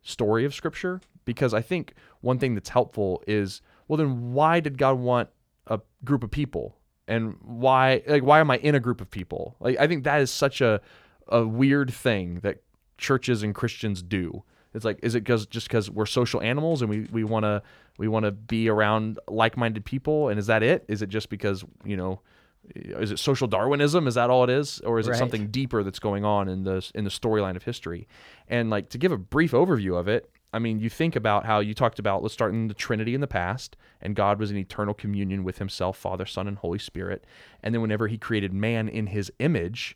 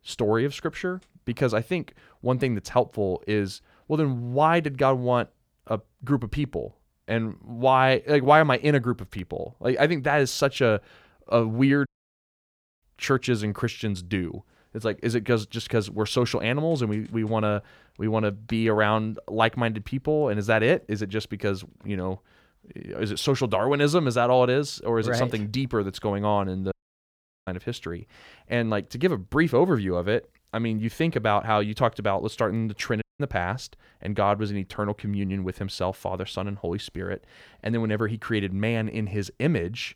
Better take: first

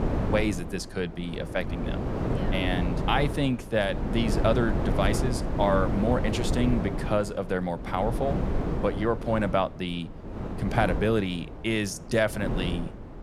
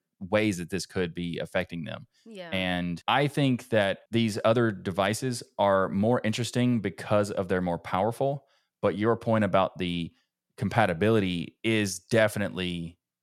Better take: second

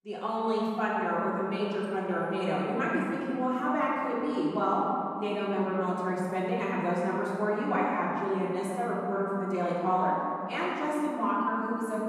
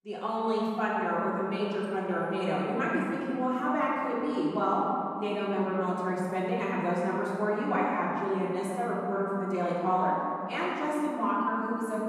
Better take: neither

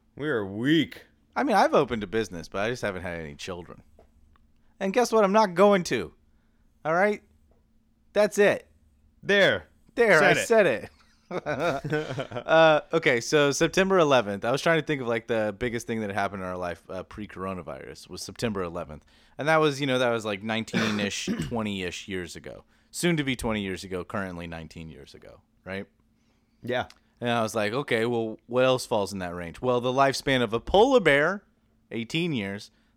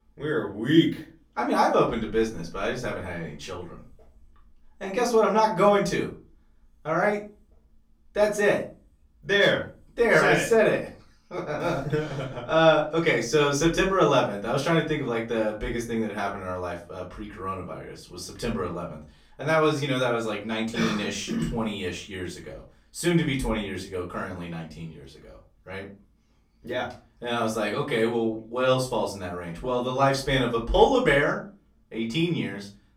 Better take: first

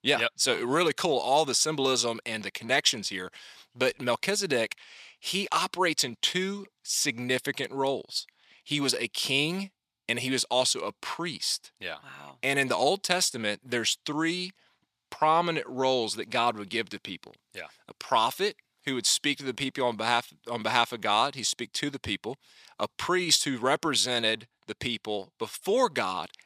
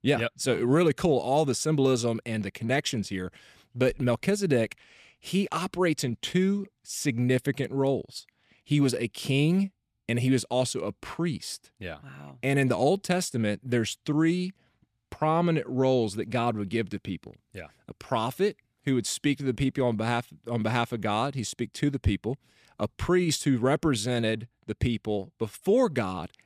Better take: second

